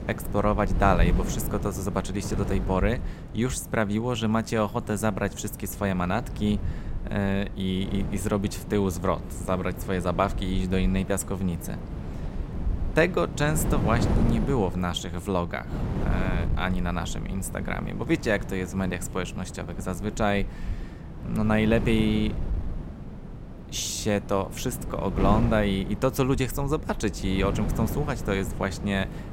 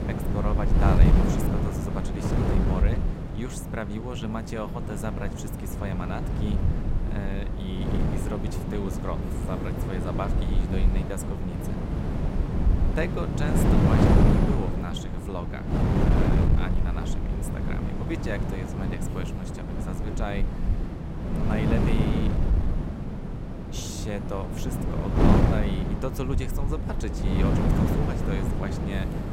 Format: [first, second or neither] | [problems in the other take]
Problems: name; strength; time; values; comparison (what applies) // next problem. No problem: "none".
first | wind noise on the microphone; heavy; 2 dB above the speech; occasional gusts in the first